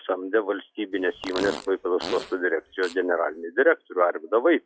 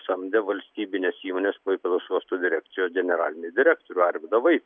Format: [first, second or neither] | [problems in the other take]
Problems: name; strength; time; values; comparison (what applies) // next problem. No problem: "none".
second | noise reduction (classical method log-MMSE)